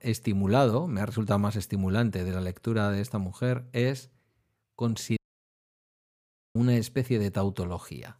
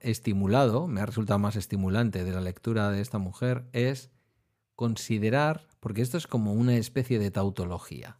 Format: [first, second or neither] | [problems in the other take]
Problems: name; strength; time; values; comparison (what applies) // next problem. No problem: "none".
second | audio cutting out; at 5 s for 1.5 s